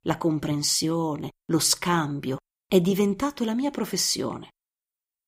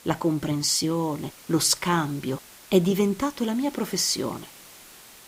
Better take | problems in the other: first | hiss; faint; throughout; 20 dB below the speech

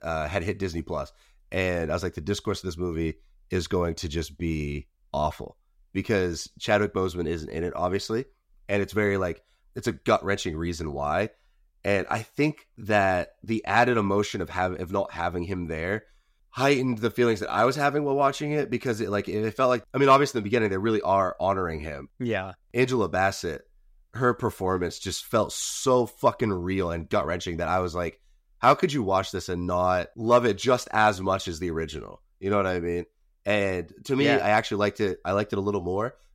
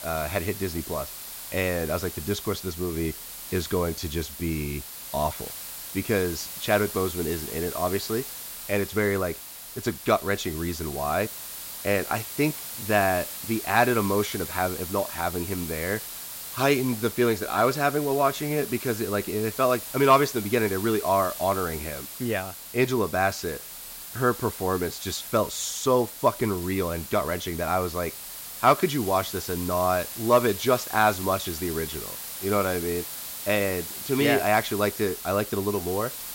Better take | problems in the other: first | hiss; loud; throughout; 9 dB below the speech

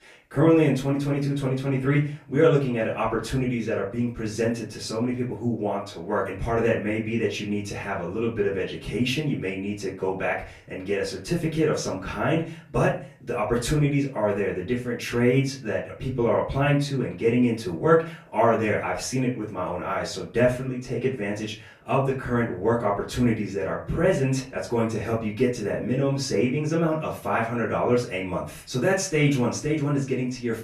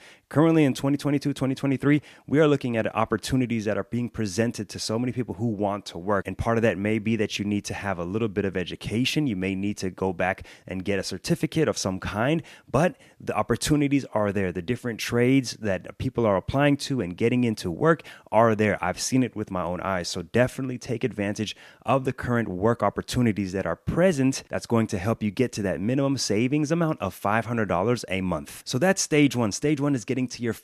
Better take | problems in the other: second | off-mic speech; far // room echo; slight; dies away in 0.3 s

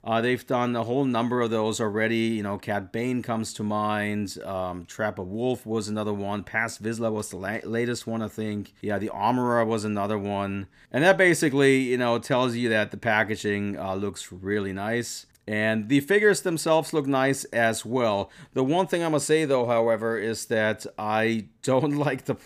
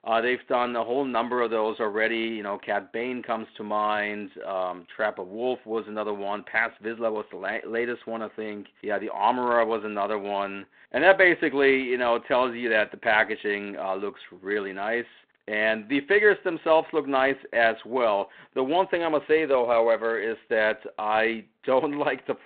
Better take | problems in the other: first | phone-call audio; nothing above 4 kHz

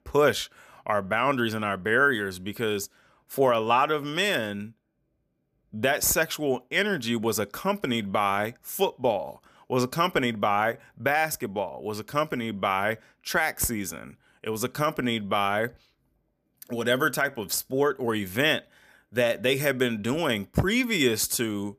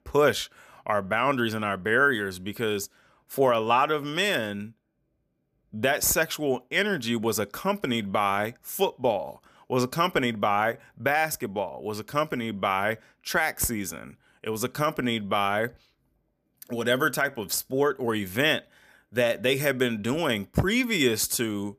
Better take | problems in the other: neither | none

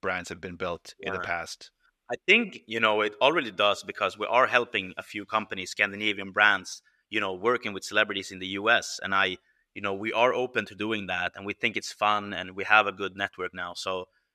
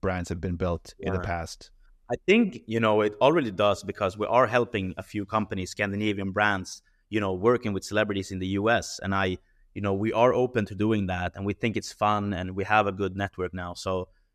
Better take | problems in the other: second | thin; somewhat; fading below 550 Hz

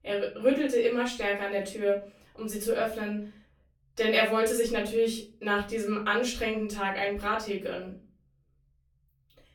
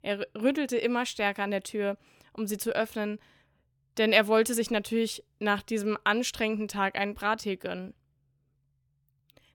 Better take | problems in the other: second | room echo; slight; dies away in 0.3 s // off-mic speech; far

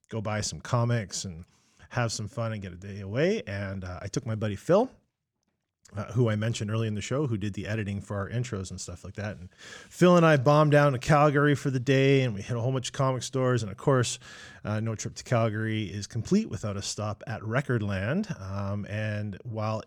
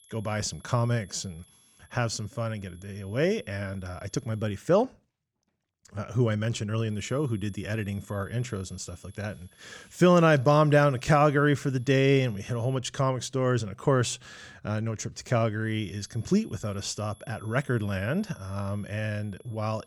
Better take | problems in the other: first | high-pitched whine; faint; until 4.5 s, from 7 to 13 s and from 16 s on; 11 kHz, 30 dB below the speech

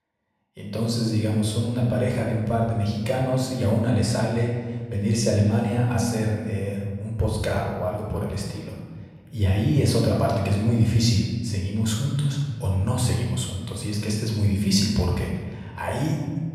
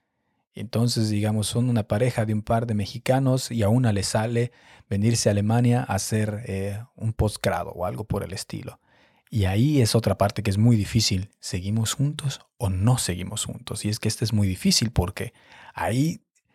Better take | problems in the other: second | off-mic speech; far // room echo; noticeable; dies away in 1.4 s

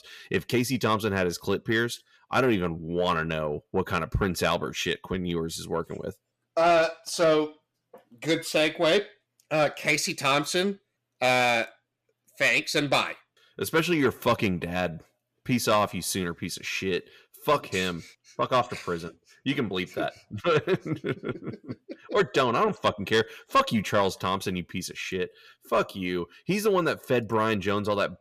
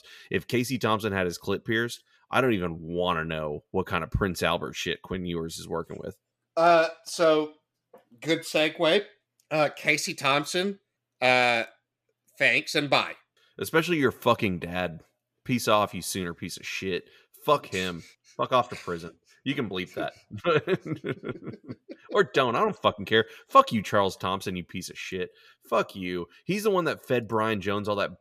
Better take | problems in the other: second | distortion; slight; 10 dB below the speech

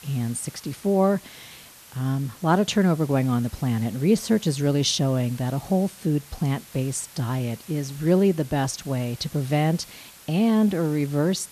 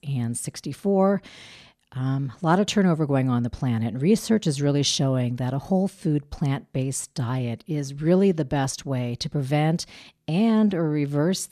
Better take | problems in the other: second | hiss; faint; throughout; 20 dB below the speech

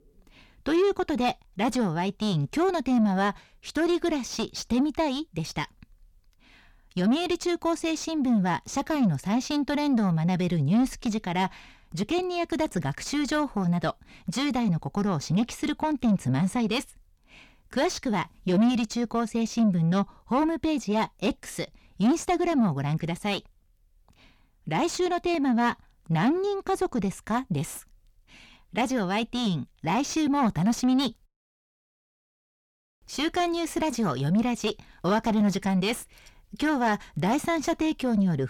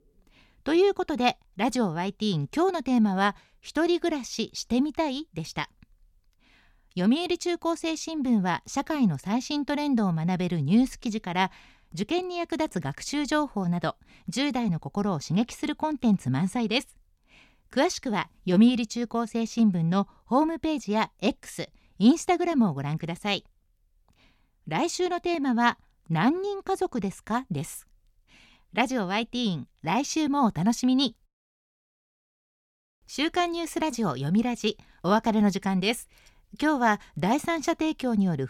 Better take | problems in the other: second | distortion; slight; 10 dB below the speech

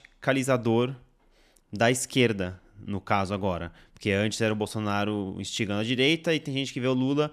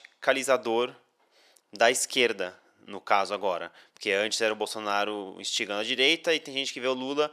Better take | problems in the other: first | thin; somewhat; fading below 550 Hz

